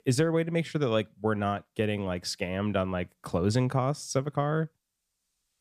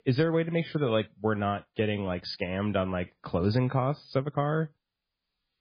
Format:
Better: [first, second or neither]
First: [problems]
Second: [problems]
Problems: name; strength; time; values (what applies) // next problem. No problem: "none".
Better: first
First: none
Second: garbled, watery; badly; nothing above 5 kHz